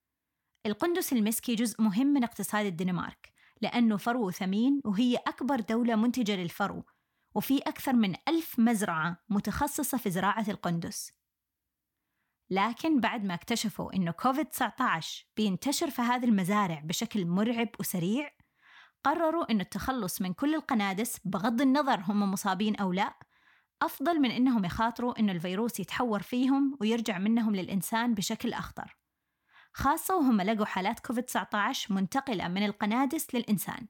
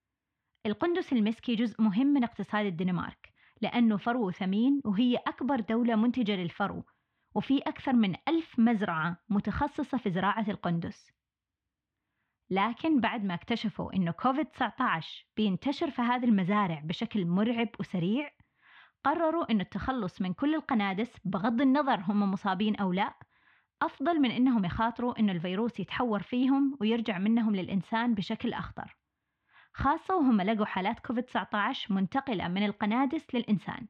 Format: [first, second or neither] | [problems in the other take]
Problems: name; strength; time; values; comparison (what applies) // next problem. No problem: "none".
first | muffled; slightly; fading above 3 kHz